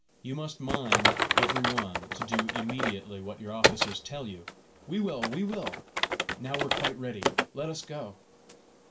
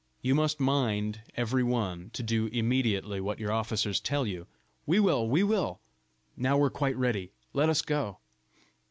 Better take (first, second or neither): second